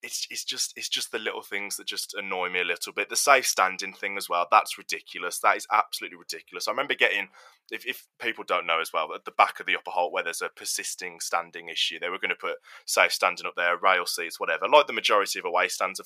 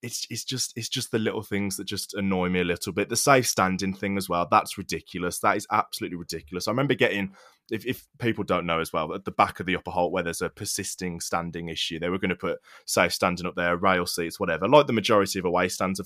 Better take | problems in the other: second | thin; very; fading below 700 Hz

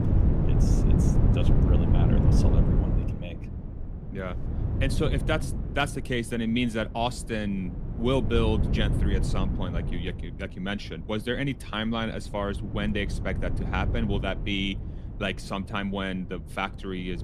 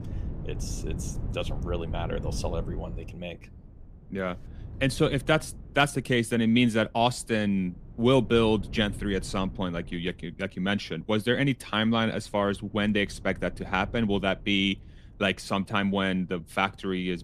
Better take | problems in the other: second | wind noise on the microphone; heavy; 6 dB below the speech; occasional gusts in the second

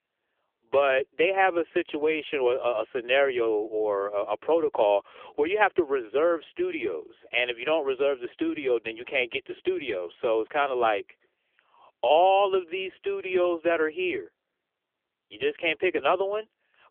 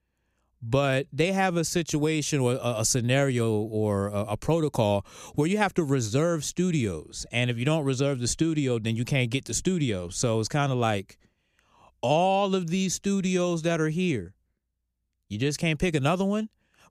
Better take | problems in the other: second | phone-call audio; poor line; nothing above 3.5 kHz

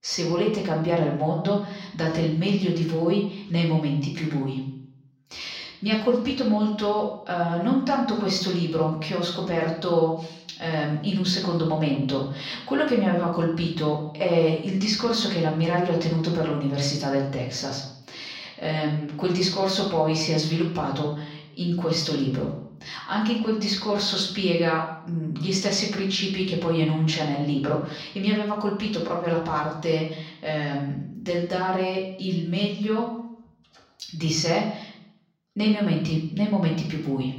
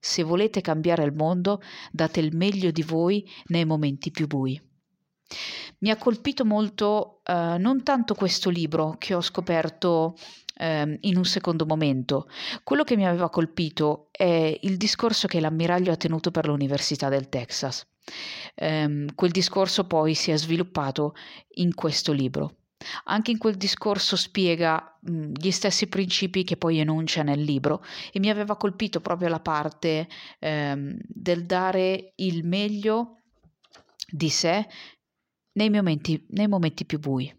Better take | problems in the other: second | off-mic speech; far // room echo; noticeable; dies away in 0.6 s

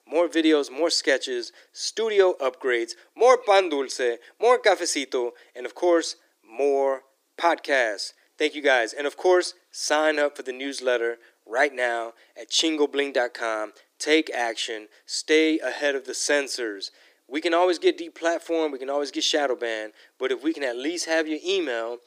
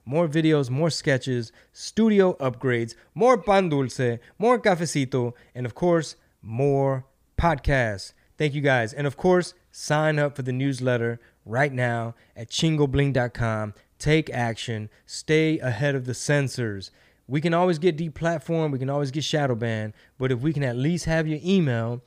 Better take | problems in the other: second | thin; very; fading below 300 Hz

